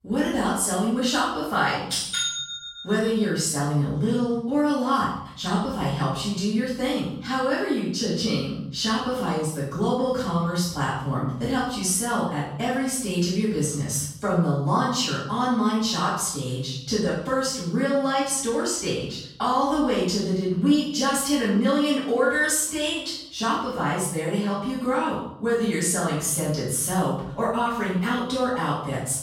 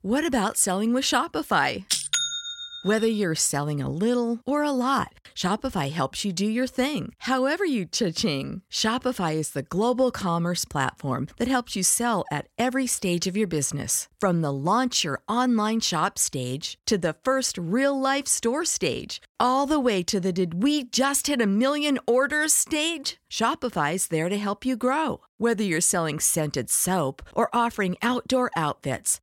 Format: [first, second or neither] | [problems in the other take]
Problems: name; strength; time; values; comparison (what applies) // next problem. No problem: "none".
second | off-mic speech; far // room echo; noticeable; dies away in 0.7 s